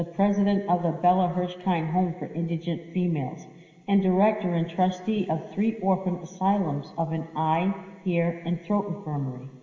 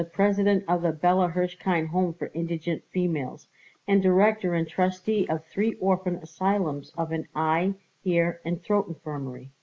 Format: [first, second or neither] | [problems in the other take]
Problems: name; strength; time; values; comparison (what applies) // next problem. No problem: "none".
second | room echo; dies away in 2 s